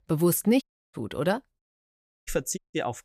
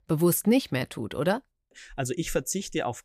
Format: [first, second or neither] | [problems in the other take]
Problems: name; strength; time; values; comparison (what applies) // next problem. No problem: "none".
second | audio cutting out; at 0.5 s, at 1.5 s for 0.5 s and at 2.5 s